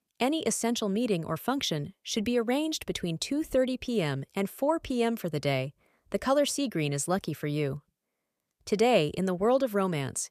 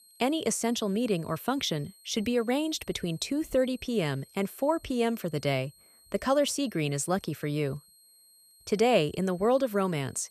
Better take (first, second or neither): first